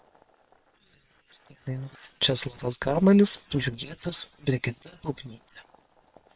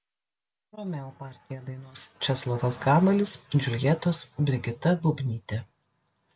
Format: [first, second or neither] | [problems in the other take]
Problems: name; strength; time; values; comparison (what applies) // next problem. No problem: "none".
second | noise reduction (neural separator model SepFormer WHAM!)